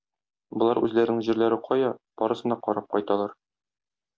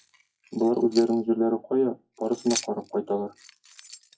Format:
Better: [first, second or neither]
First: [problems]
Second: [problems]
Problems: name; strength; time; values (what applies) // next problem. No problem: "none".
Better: first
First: none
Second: noise reduction (classical method WPE with log-MMSE)